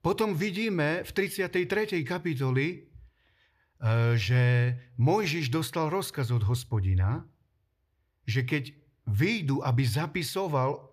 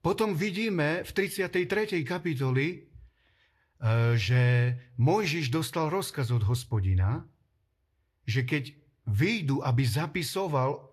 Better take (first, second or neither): first